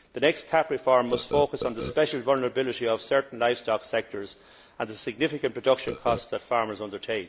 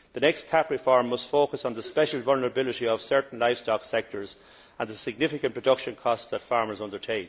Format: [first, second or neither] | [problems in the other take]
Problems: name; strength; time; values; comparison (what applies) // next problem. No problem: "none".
second | background sound (Chime + Burping, eructation); 15 dB below the speech